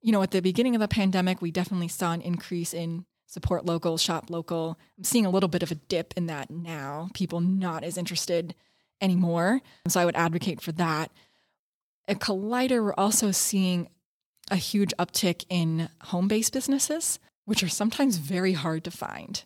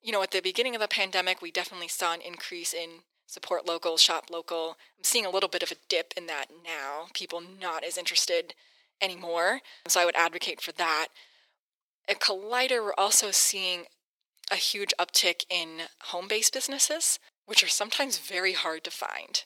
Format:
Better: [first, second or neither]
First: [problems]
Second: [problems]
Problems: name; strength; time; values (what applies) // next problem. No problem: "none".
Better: first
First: none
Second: thin; very; fading below 400 Hz